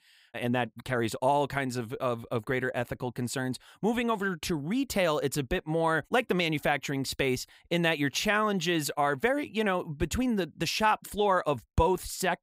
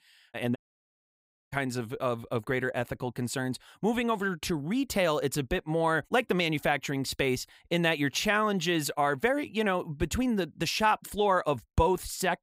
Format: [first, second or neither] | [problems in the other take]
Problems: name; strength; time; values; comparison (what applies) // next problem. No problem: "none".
first | audio cutting out; at 0.5 s for 1 s